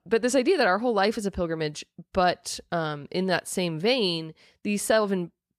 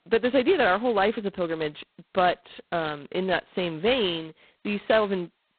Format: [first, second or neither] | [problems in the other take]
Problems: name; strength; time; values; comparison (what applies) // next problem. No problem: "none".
first | phone-call audio; poor line; nothing above 4 kHz